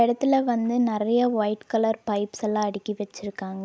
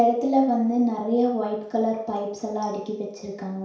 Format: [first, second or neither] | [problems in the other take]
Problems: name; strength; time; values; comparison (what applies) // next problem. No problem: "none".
first | room echo; dies away in 0.6 s